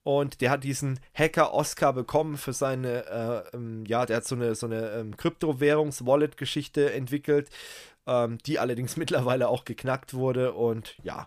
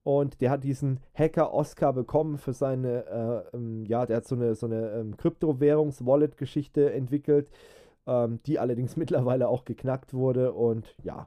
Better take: first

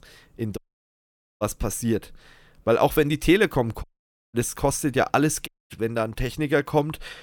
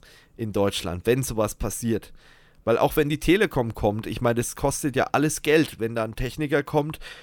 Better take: second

